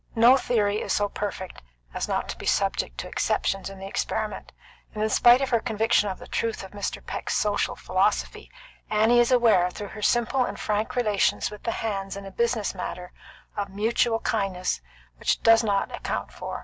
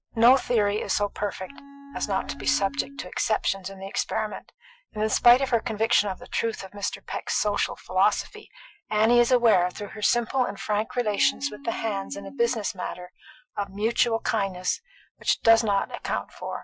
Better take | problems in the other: first | noise reduction (classical method Wiener filter)

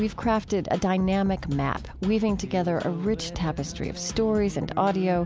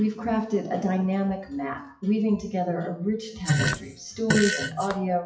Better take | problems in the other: first | noise reduction (classical method WPE with log-MMSE)

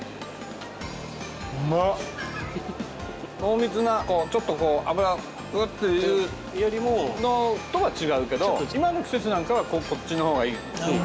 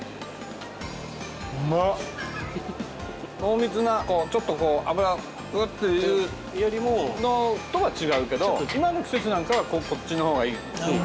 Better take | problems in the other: first | background sound (Tools); 12 dB below the speech

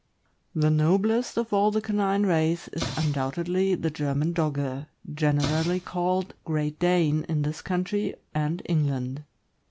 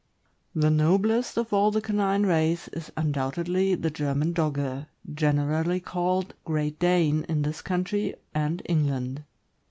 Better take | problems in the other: second | background sound (Explosion); 14 dB below the speech

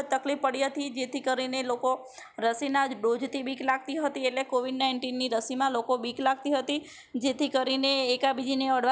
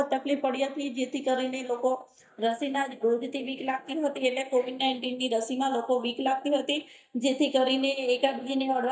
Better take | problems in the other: first | noise reduction (neural mask model DeepFilterNet 3)

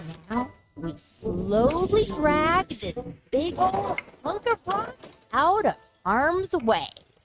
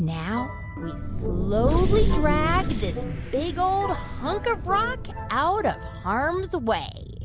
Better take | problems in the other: second | noise reduction (neural mask model RNNoise)

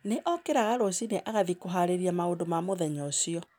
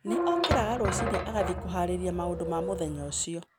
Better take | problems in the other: first | background sound (Squeak / Thump, thud); as loud as the speech

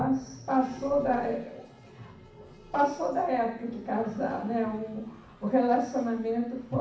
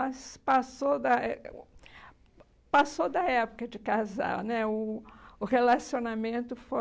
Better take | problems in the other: second | background sound (Toilet flush); 16 dB below the speech // room echo; dies away in 0.6 s

